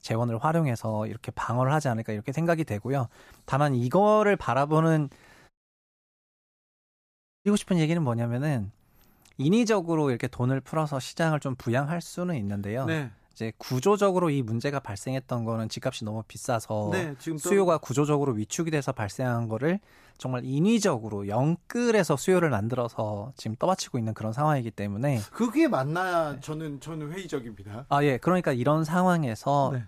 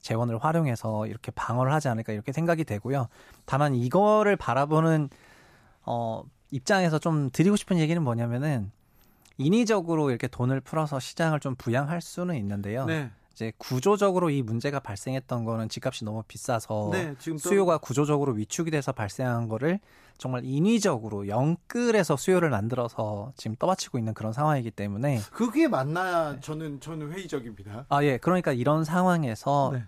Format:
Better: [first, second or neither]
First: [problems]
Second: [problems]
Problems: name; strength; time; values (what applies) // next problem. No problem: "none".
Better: second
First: audio cutting out; at 5.5 s for 2 s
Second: none